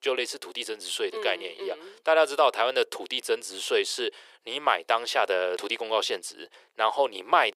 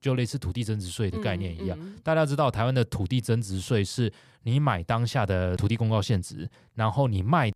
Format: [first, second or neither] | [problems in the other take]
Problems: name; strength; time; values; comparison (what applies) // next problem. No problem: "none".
second | thin; very; fading below 400 Hz